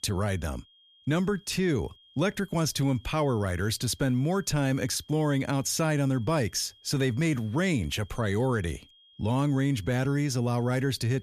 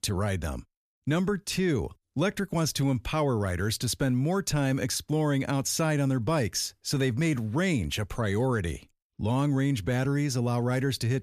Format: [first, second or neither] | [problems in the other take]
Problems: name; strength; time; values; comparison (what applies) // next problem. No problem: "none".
second | high-pitched whine; faint; throughout; 3 kHz, 30 dB below the speech